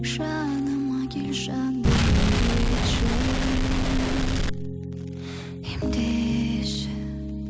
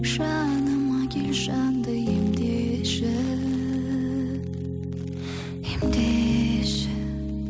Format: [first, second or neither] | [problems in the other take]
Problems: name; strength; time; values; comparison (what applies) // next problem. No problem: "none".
second | background sound (Explosion); 4 dB above the speech